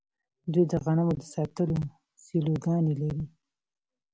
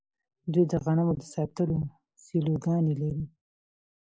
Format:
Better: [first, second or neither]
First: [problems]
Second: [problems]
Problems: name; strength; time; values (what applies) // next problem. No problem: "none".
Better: first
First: none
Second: noise reduction (neural mask model Resemble Enhance denoiser)